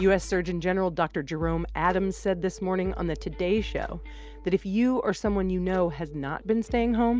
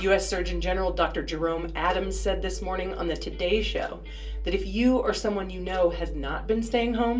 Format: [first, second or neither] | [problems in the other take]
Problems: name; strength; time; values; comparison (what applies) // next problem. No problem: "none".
first | room echo; dies away in 0.2 s